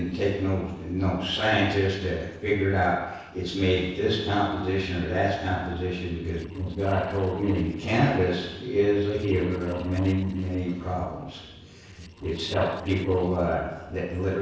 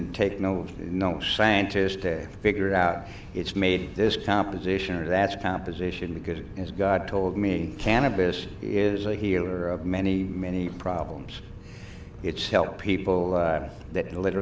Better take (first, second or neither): second